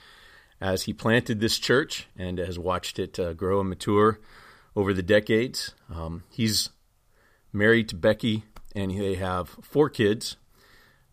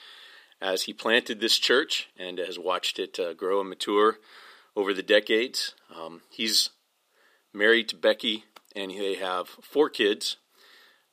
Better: first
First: none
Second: thin; somewhat; fading below 300 Hz

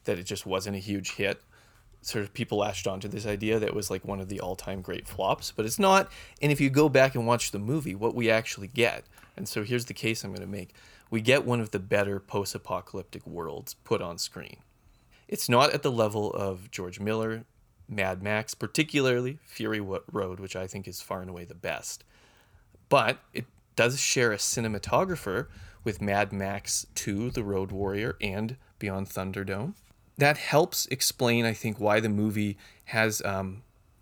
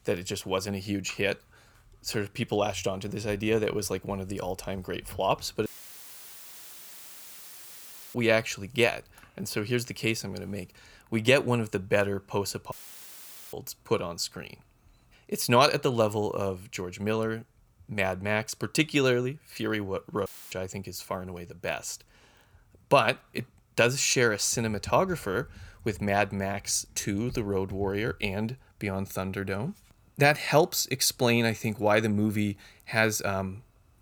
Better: first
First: none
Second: audio cutting out; filled with static; at 5.5 s for 2.5 s, at 13 s for 1 s and at 20 s

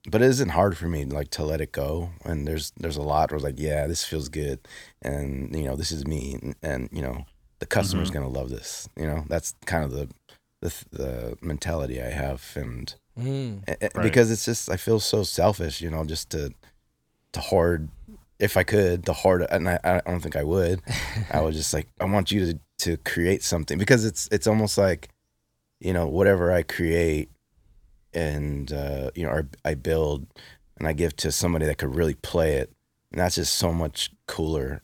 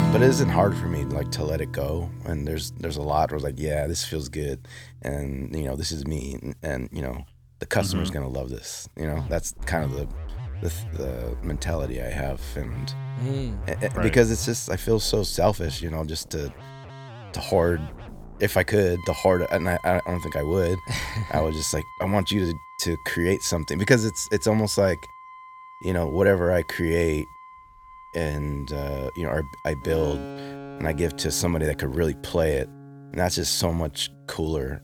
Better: first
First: none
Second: background music; noticeable; throughout; 10 dB below the speech

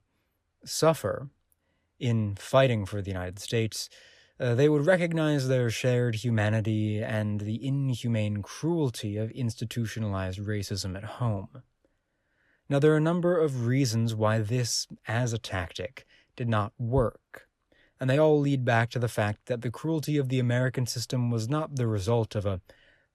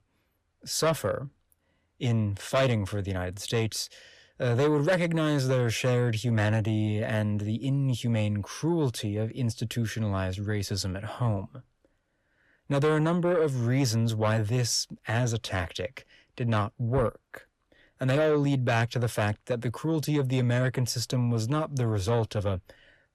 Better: first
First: none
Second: distortion; slight; 10 dB below the speech

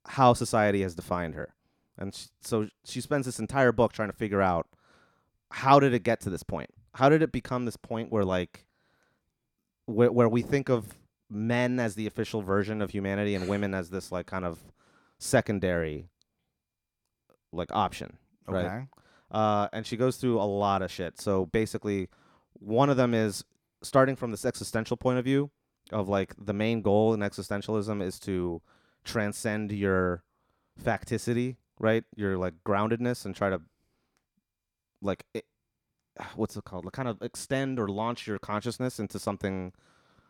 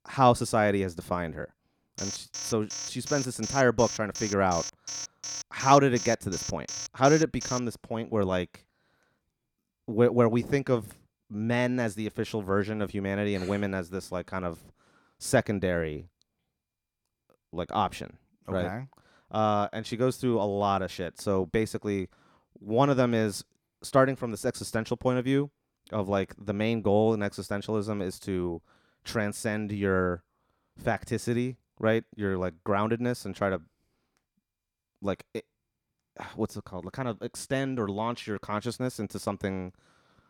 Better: first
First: none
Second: alarm; noticeable; from 2 to 7.5 s; peak 6 dB below the speech

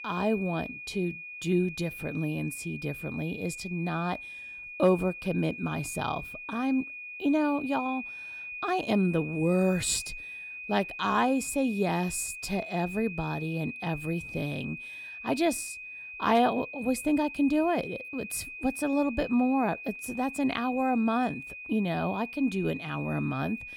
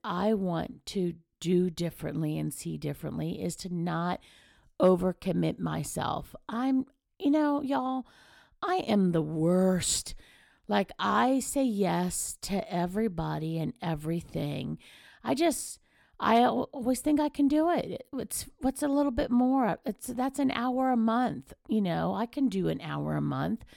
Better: second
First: high-pitched whine; loud; throughout; 2.5 kHz, 10 dB below the speech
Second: none

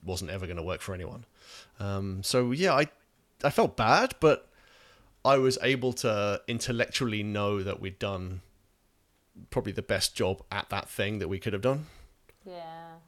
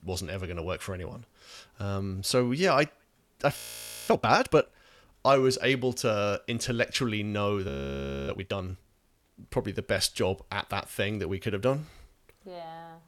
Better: first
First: none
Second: audio freezing; at 3.5 s for 0.5 s and at 7.5 s for 0.5 s

